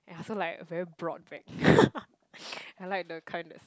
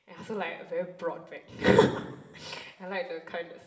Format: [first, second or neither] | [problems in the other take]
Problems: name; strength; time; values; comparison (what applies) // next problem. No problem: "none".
first | room echo; dies away in 1.6 s